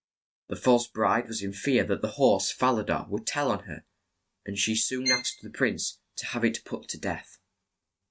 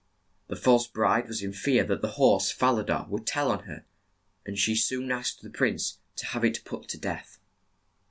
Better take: second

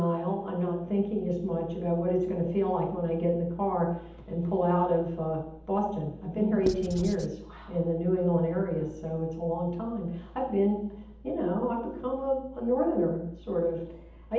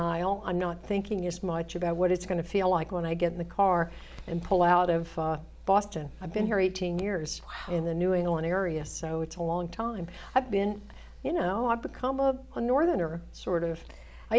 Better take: second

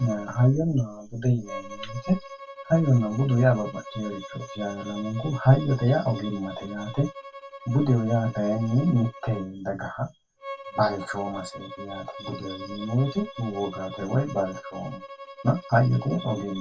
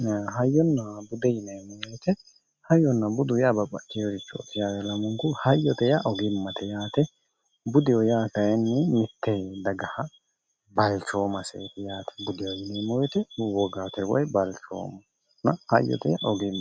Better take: second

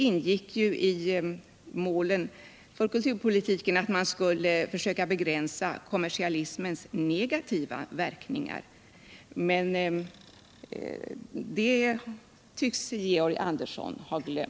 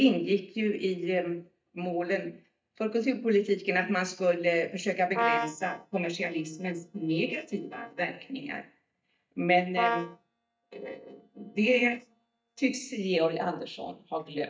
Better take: first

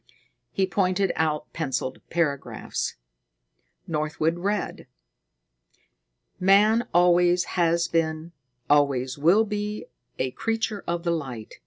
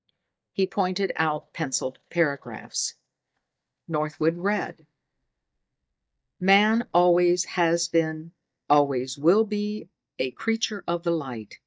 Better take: first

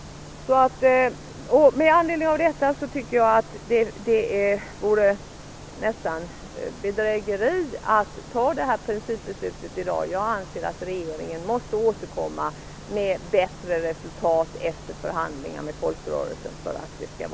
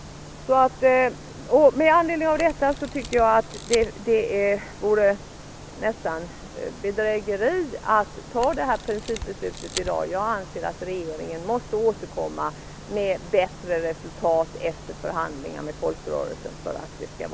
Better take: first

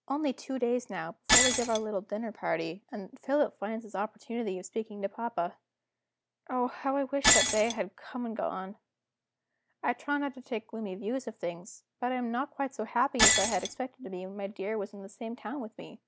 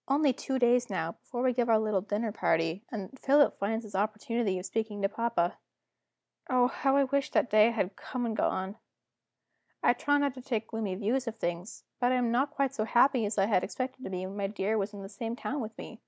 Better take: second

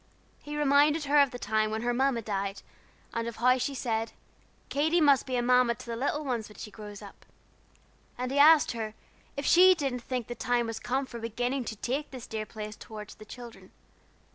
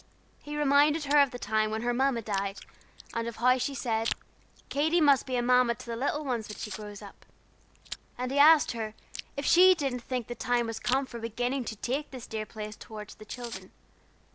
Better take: first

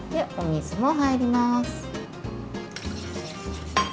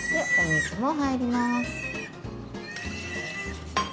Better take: first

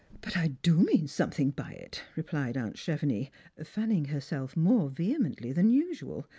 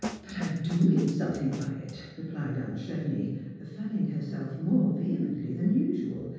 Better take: first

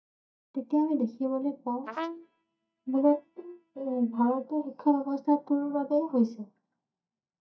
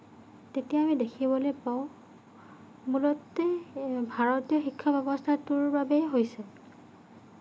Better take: second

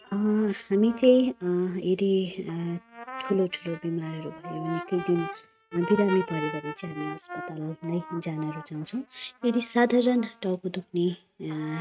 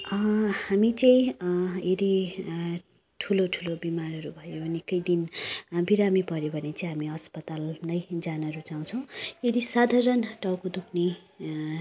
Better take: second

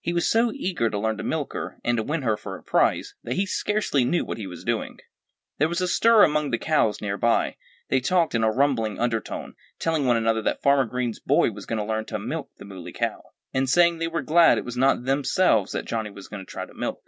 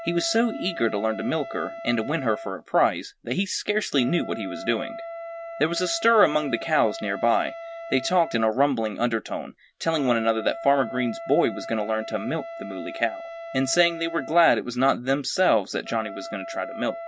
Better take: first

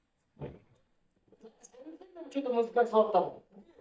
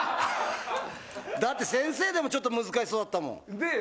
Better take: second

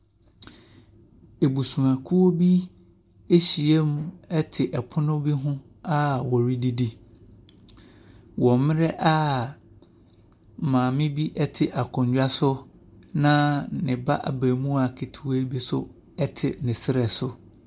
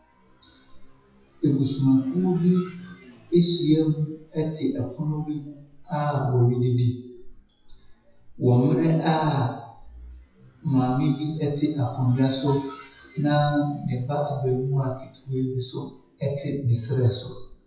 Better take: first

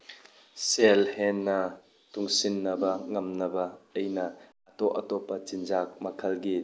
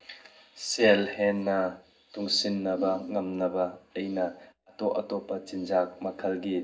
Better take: first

